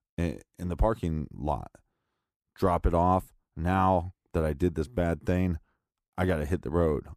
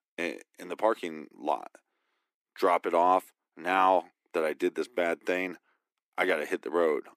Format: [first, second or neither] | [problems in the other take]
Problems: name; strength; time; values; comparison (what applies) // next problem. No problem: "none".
first | thin; somewhat; fading below 300 Hz